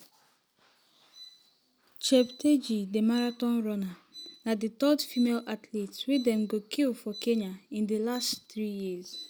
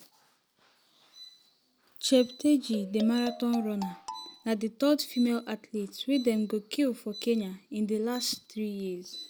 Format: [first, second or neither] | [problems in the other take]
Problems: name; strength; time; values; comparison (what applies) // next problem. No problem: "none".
first | background sound (Marimba, xylophone); 12 dB below the speech